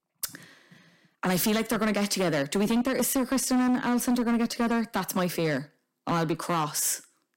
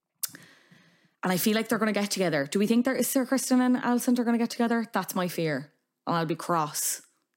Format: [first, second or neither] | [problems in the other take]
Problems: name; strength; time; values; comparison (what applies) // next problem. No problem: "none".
second | distortion; slight; 12% of the sound clipped